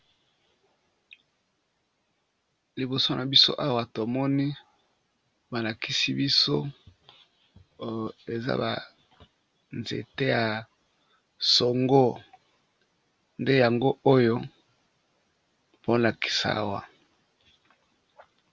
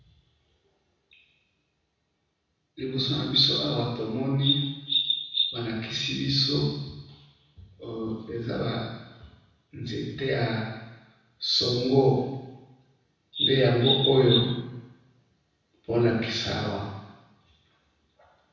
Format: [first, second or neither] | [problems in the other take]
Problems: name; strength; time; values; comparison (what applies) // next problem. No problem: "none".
first | background sound (Bird vocalization, bird call, bird song); as loud as the speech // room echo; dies away in 1 s